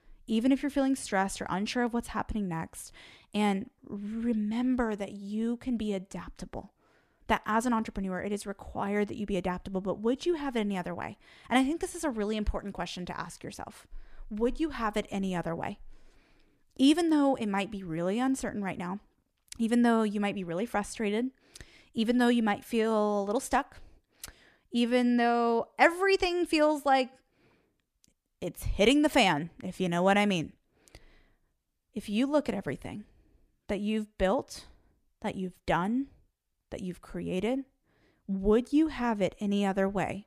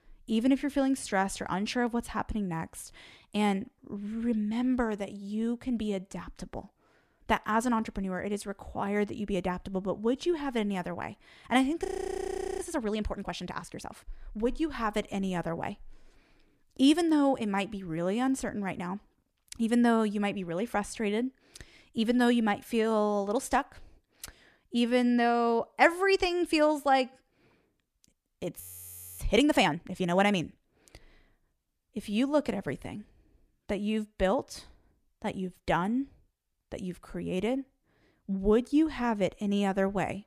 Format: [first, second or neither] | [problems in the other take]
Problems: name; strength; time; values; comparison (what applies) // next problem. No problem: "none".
first | audio freezing; at 12 s for 1 s and at 29 s for 0.5 s